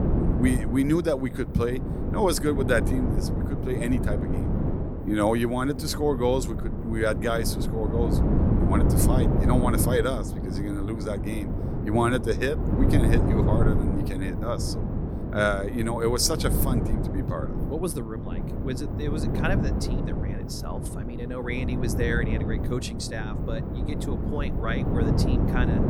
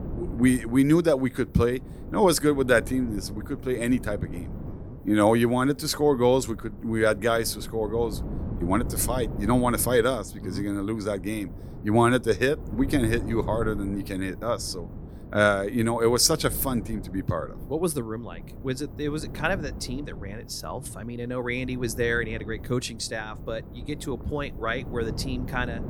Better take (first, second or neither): second